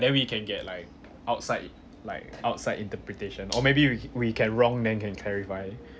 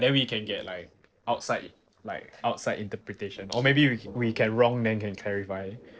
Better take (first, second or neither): first